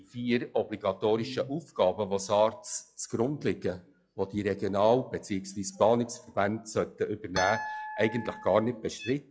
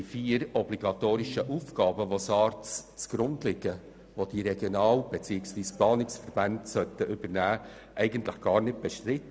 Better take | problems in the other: second | noise reduction (classical method log-MMSE)

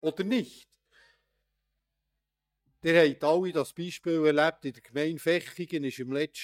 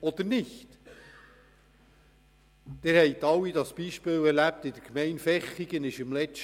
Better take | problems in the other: second | noise reduction (neural mask model DeepFilterNet 3)

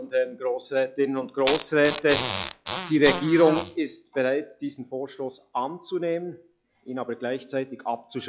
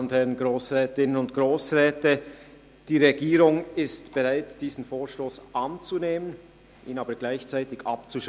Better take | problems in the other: second | noise reduction (classical method log-MMSE)

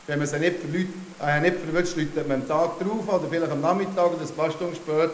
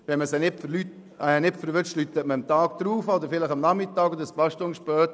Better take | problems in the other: second | background sound (Bathtub (filling or washing)); 18 dB below the speech // room echo; dies away in 0.7 s

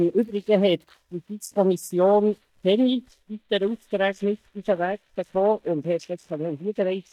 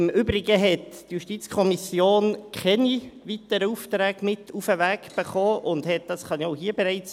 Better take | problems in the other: second | noise reduction (neural mask model DeepFilterNet 3)

